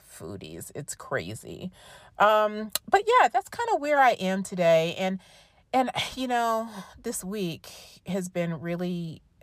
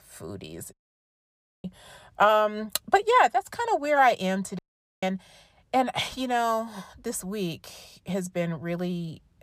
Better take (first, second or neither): first